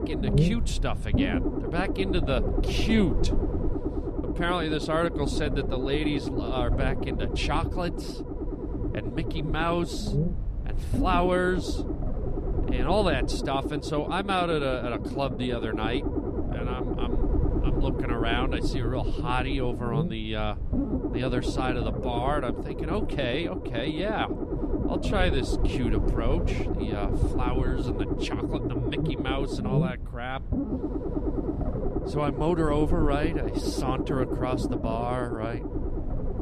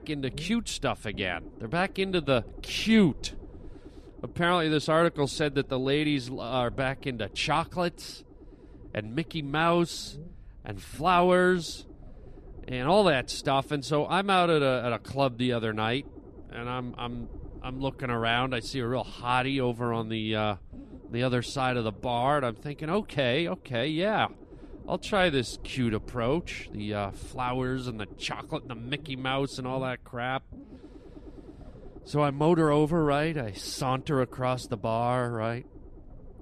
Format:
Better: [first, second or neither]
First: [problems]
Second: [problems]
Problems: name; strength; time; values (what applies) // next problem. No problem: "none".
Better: second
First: low rumble; loud; throughout; 4 dB below the speech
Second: low rumble; faint; throughout; 25 dB below the speech